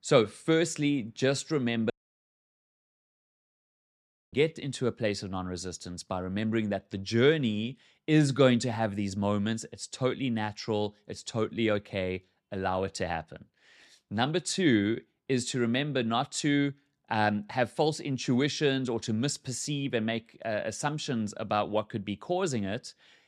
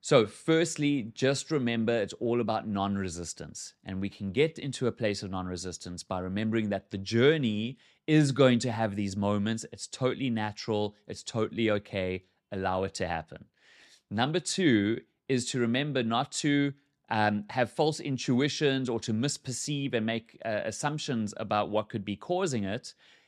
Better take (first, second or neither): second